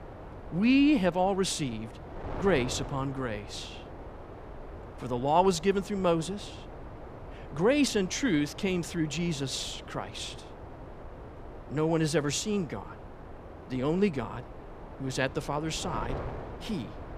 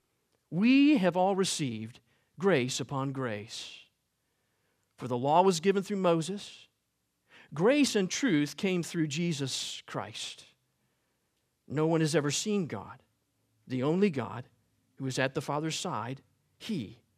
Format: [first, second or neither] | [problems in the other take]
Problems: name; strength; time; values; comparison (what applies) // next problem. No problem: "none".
second | wind noise on the microphone; occasional gusts; 15 dB below the speech